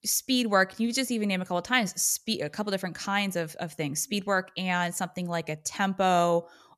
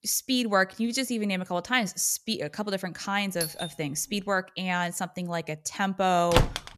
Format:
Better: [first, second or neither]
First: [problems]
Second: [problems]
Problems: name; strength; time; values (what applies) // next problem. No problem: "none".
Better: first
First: none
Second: doorbell; noticeable; at 3.5 s; peak 5 dB below the speech // door banging; loud; at 6.5 s; peak 2 dB above the speech